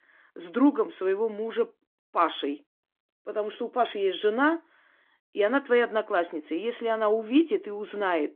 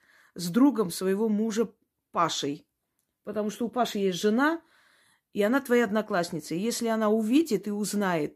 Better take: second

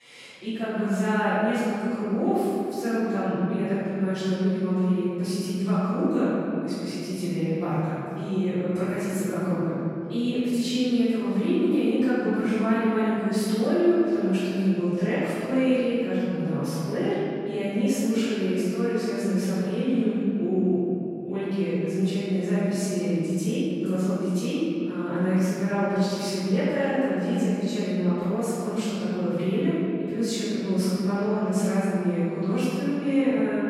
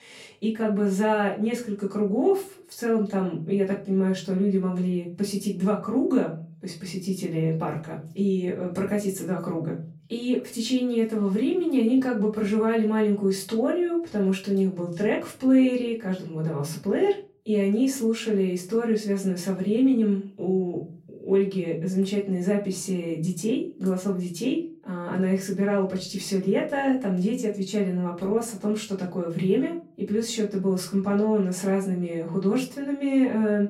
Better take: second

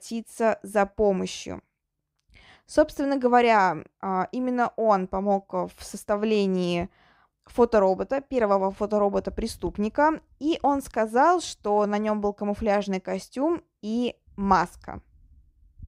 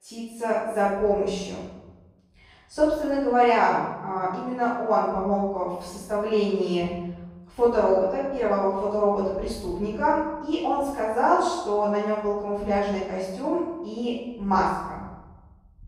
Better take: first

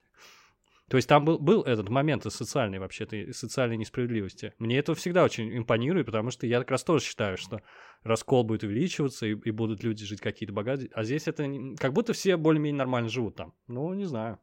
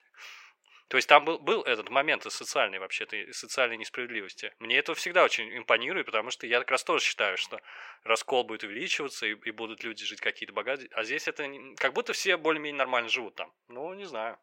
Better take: first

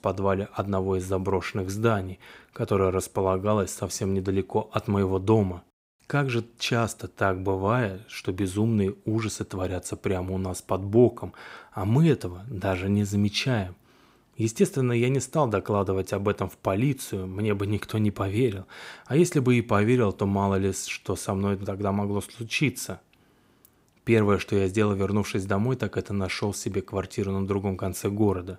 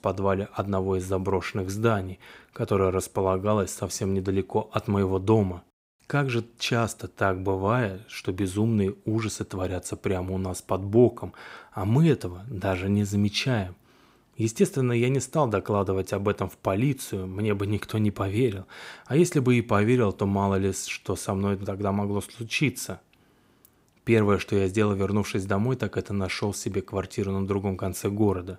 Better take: neither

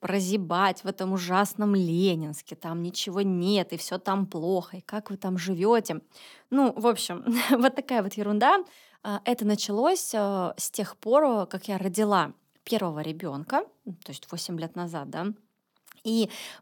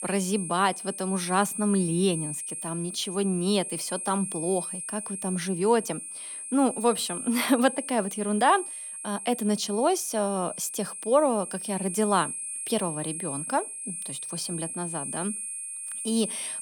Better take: first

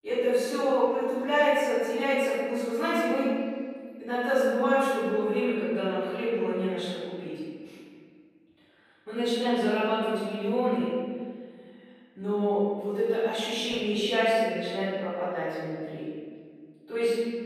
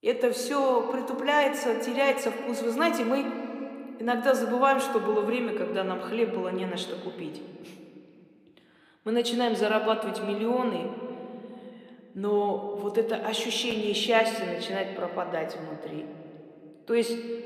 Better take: second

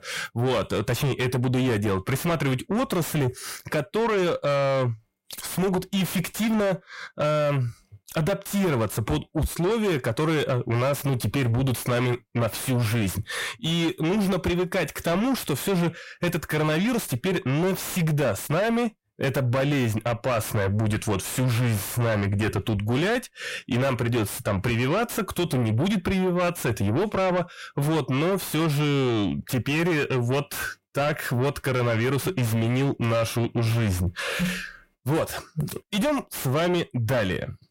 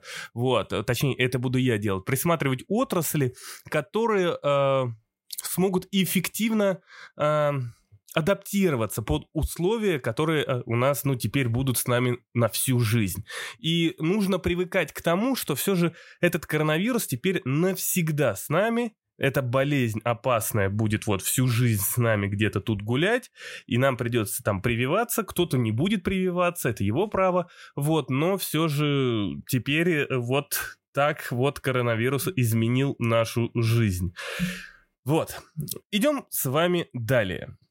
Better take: second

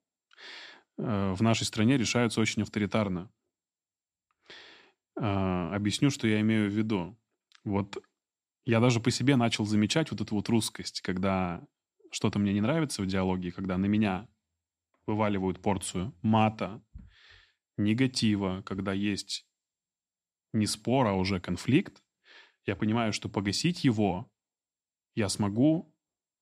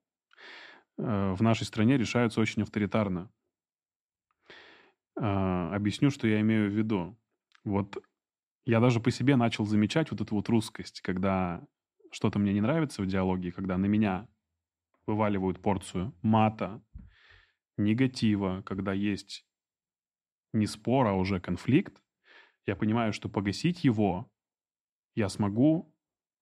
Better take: first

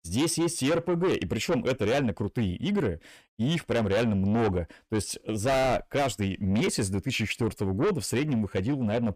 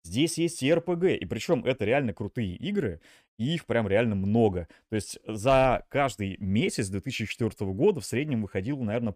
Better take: second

